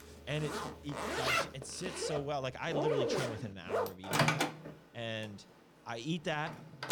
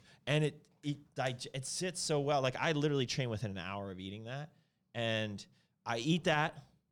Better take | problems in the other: second | household noises; very loud; throughout; 5 dB above the speech

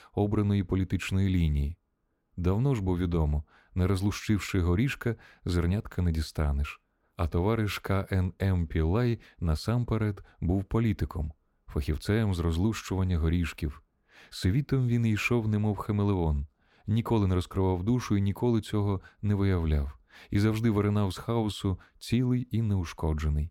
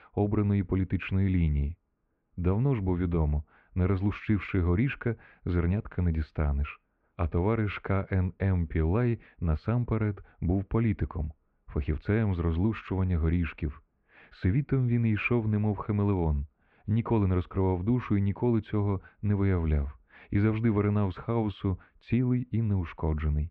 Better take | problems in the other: first | muffled; very; fading above 2.5 kHz

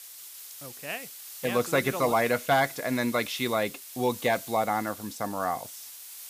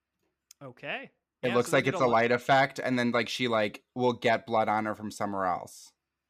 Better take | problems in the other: second | hiss; noticeable; throughout; 10 dB below the speech

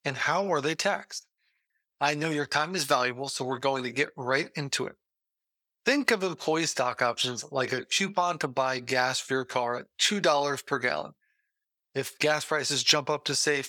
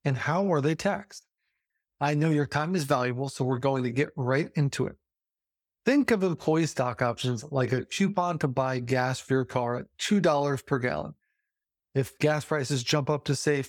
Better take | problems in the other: second | thin; somewhat; fading below 800 Hz

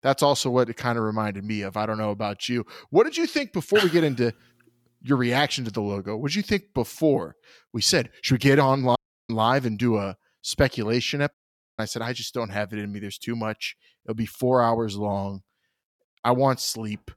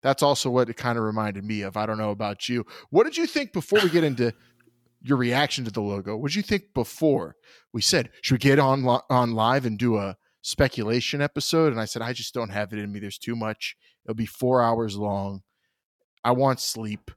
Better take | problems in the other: second | audio cutting out; at 9 s and at 11 s

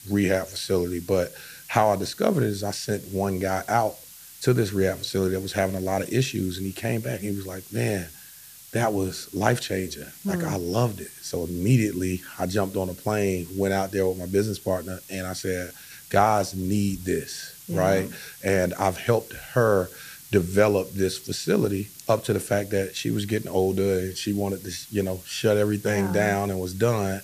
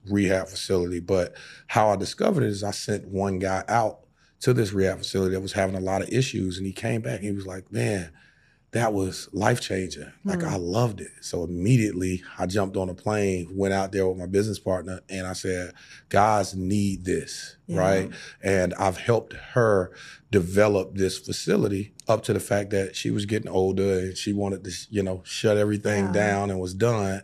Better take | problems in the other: second | hiss; noticeable; throughout; 15 dB below the speech

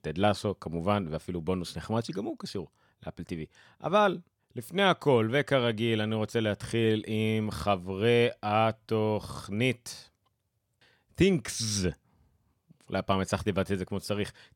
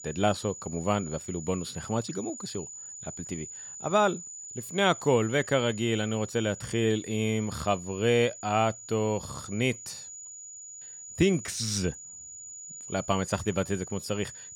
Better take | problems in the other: first | high-pitched whine; noticeable; throughout; 7 kHz, 10 dB below the speech

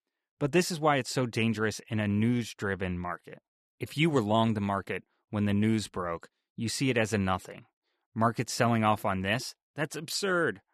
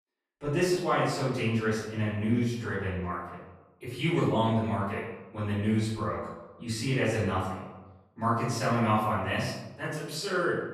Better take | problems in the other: first | off-mic speech; far // room echo; noticeable; dies away in 0.9 s

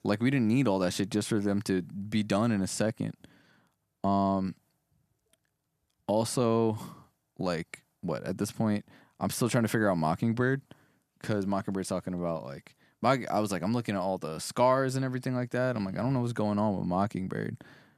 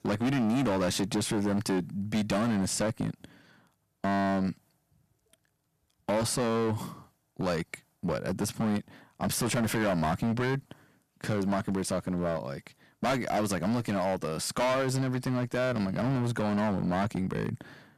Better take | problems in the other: first | distortion; heavy; 13% of the sound clipped

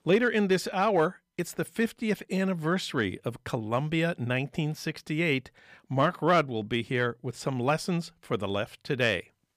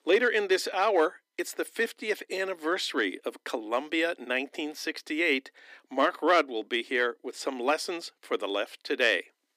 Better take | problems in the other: first | thin; somewhat; fading below 250 Hz

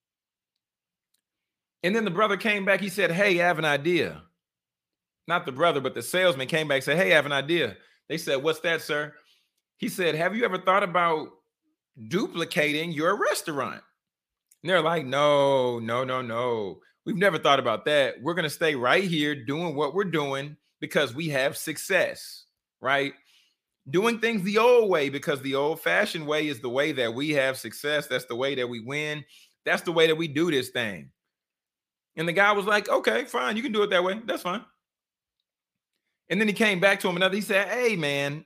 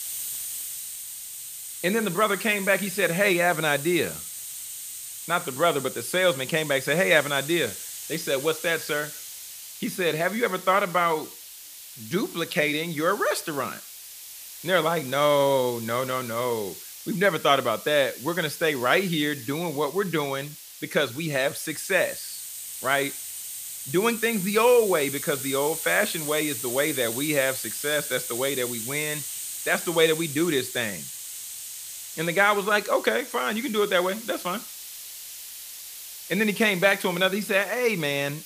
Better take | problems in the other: first | hiss; loud; throughout; 10 dB below the speech

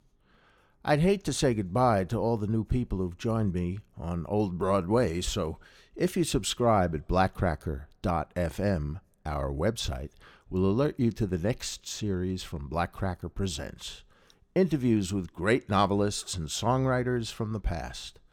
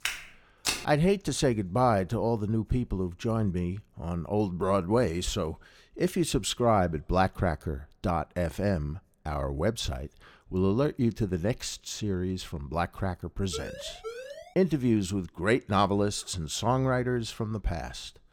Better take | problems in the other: first | footsteps; noticeable; at the start; peak 2 dB below the speech // siren; faint; at 14 s; peak 10 dB below the speech

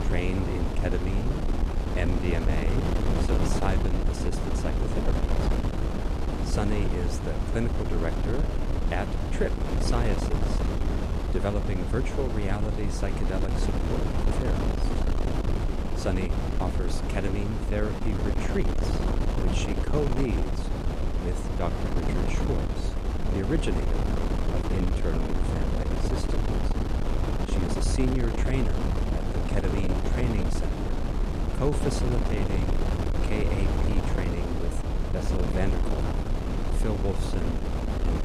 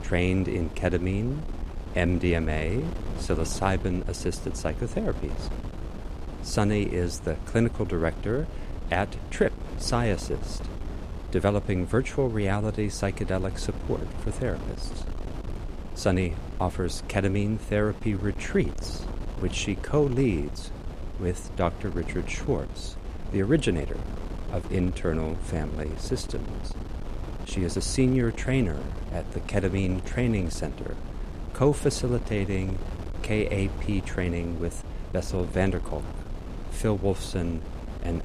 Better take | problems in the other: second | wind noise on the microphone; heavy; 1 dB above the speech; occasional gusts in the second

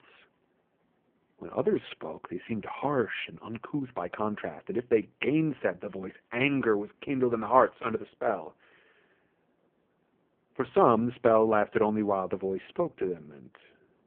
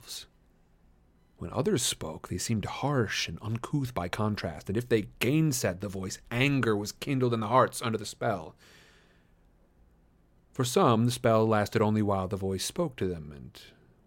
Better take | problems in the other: second | phone-call audio; poor line

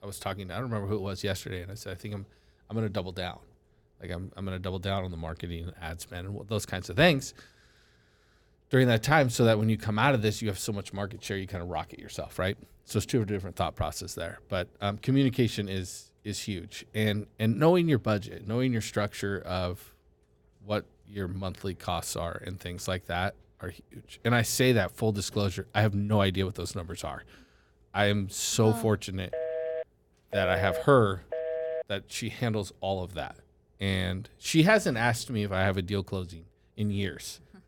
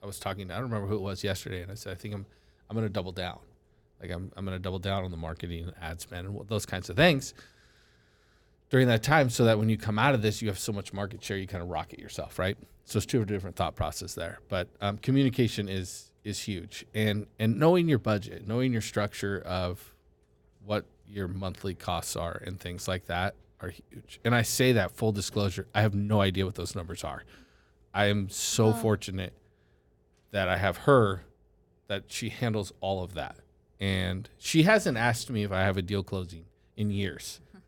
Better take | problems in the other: second | phone ringing; noticeable; from 29 to 32 s; peak 3 dB below the speech

